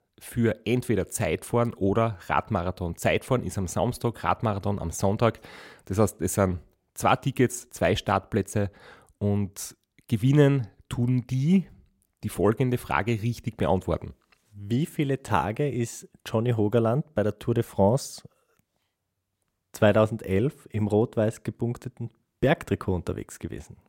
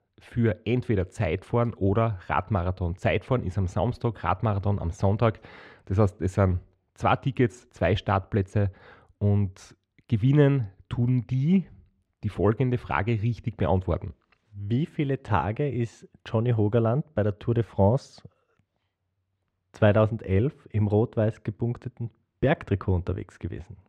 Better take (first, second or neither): first